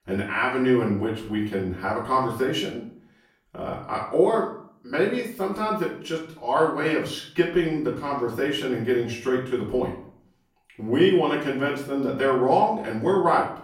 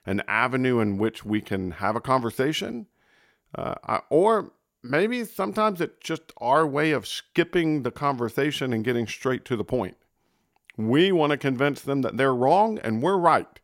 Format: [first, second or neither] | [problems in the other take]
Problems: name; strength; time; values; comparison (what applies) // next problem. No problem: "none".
second | off-mic speech; far // room echo; noticeable; dies away in 0.5 s